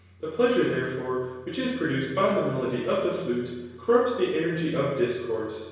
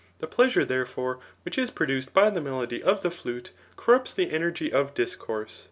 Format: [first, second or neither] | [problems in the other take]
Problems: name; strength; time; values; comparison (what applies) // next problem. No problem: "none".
second | room echo; dies away in 1 s